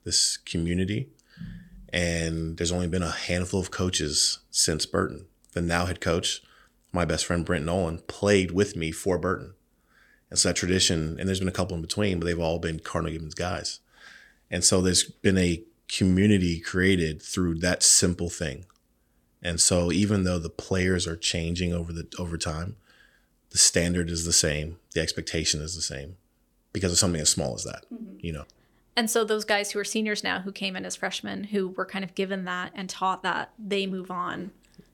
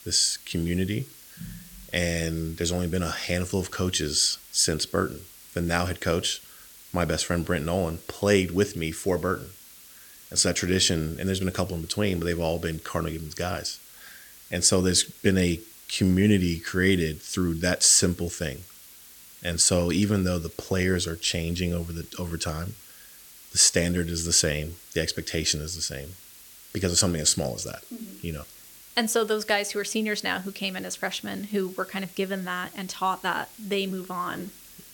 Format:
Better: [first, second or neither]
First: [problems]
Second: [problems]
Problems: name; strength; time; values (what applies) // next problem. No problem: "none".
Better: first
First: none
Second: hiss; faint; throughout; 20 dB below the speech